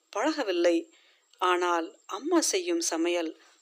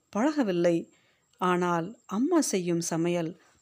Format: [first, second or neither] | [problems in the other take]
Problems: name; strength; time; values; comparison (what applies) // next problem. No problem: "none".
second | thin; very; fading below 300 Hz